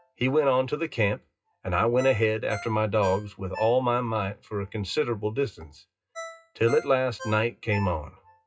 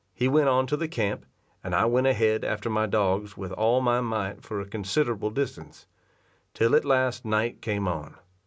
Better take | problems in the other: second | noise reduction (classical method WPE with log-MMSE)

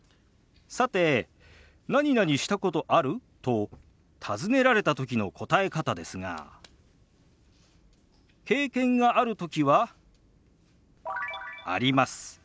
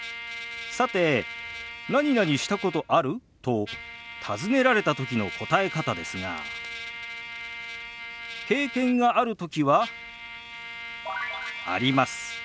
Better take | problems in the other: first | background sound (Trumpet); 11 dB below the speech

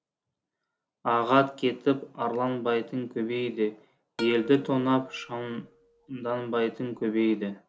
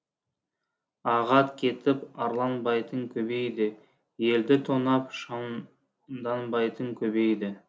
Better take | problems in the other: second | background sound (Plucked string instrument); 17 dB below the speech

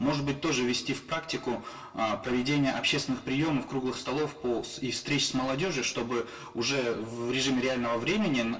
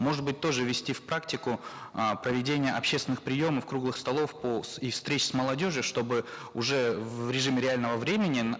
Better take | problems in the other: second | room echo; dies away in 0.2 s

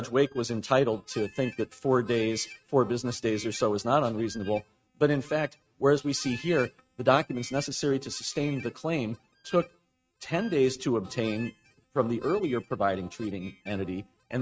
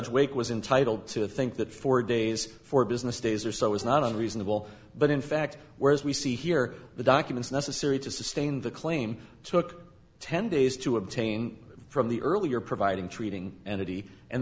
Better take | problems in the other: second | noise reduction (neural mask model RNNoise)

